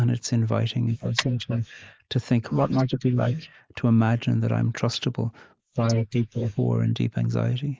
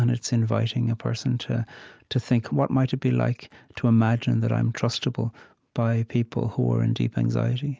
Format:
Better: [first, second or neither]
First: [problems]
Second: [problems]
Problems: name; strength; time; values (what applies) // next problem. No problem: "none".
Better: second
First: noise reduction (neural mask model Resemble Enhance denoiser)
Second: none